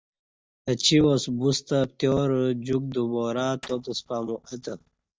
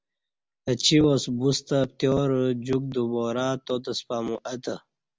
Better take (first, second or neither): second